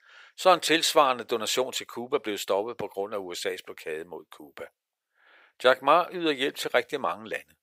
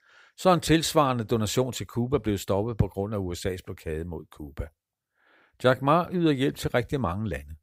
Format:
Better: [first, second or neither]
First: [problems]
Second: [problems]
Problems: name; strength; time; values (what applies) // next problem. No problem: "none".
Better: second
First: thin; very; fading below 500 Hz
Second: none